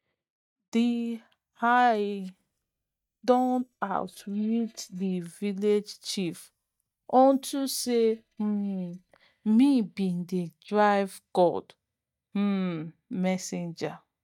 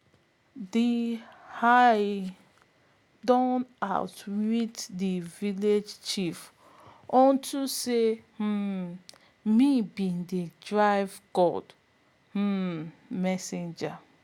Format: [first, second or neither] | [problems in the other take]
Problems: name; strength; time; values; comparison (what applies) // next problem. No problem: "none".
second | noise reduction (neural mask model DeepFilterNet 3)